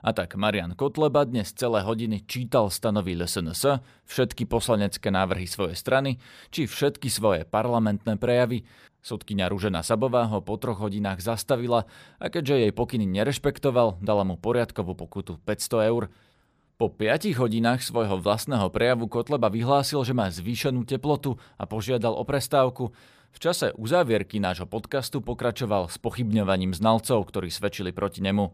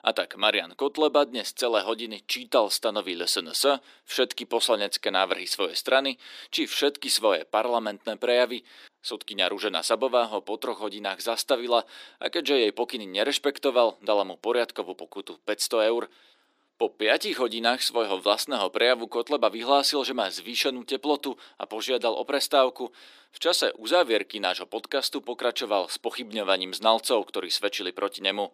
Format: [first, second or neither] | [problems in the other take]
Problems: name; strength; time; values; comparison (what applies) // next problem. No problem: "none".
first | thin; somewhat; fading below 300 Hz